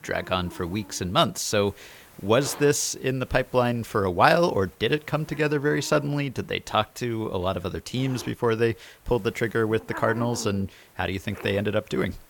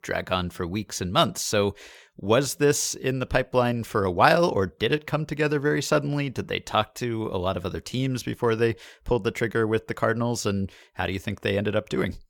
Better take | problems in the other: second | hiss; noticeable; throughout; 20 dB below the speech

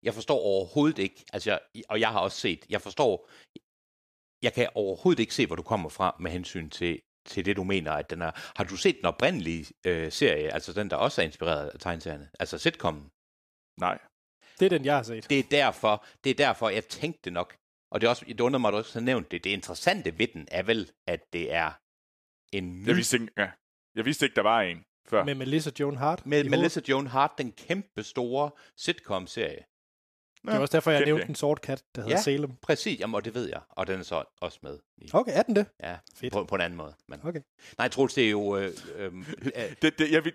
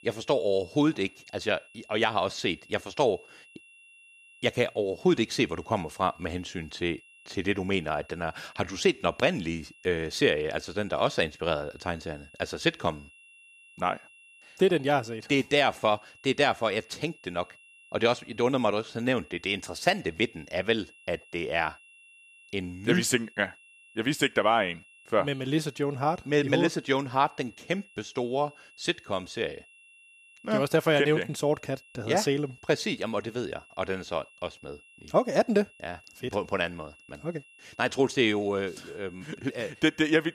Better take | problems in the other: first | high-pitched whine; faint; throughout; 2.5 kHz, 25 dB below the speech

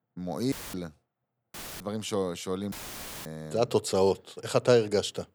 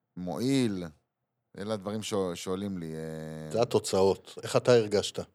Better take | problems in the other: second | audio cutting out; filled with static; at 0.5 s, at 1.5 s and at 2.5 s for 0.5 s

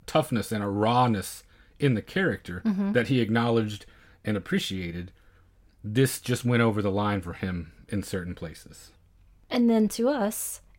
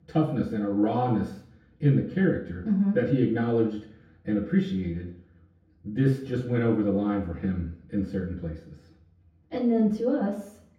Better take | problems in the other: first | room echo; noticeable; dies away in 0.6 s // off-mic speech; far

